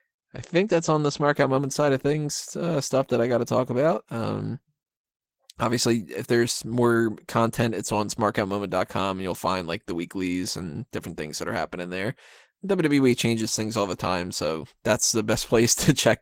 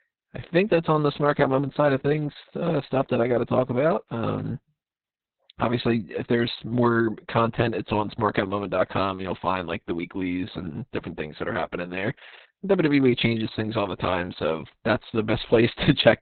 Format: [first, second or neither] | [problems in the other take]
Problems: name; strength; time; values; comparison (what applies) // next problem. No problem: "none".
first | garbled, watery; badly; nothing above 4 kHz; slightly in the first